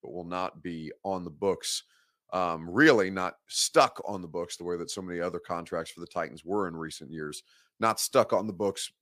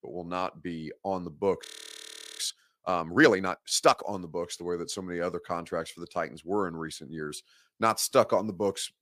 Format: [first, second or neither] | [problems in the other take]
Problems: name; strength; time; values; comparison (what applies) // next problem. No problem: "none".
first | audio freezing; at 1.5 s for 1 s